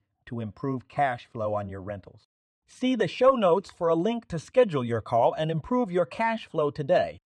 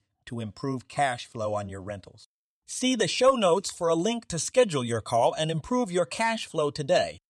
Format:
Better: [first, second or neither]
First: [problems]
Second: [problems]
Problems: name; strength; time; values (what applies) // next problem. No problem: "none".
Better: second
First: muffled; very; fading above 4 kHz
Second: none